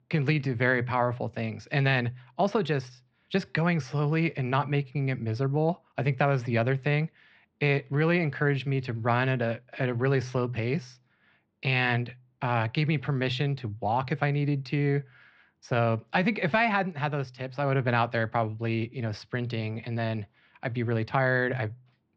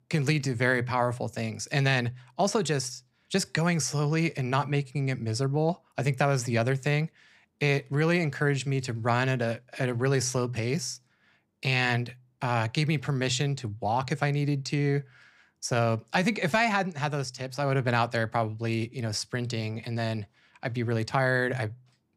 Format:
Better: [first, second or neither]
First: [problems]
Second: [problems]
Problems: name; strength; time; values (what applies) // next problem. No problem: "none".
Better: second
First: muffled; slightly; fading above 3.5 kHz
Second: none